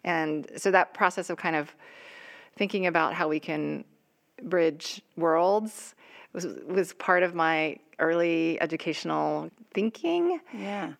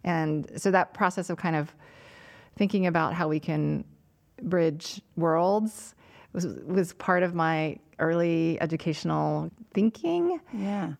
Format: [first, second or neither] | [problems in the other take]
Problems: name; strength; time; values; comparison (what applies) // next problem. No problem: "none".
second | thin; somewhat; fading below 350 Hz